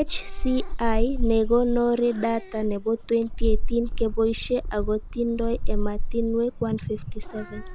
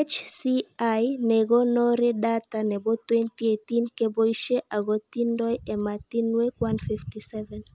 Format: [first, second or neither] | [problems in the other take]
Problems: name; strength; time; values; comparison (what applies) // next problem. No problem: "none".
second | background sound (Meow / Purr); as loud as the speech